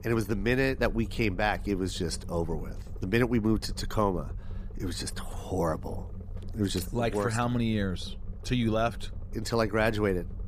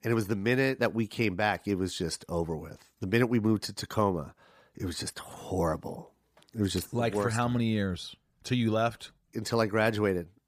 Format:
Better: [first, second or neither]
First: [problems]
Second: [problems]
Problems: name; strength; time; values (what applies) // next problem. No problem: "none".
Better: second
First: low rumble; faint; throughout; 25 dB below the speech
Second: none